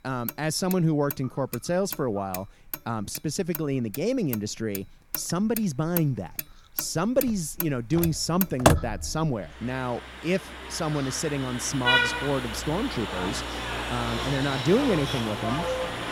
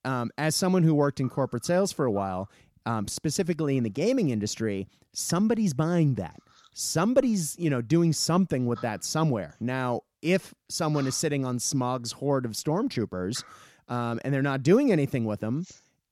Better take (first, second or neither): second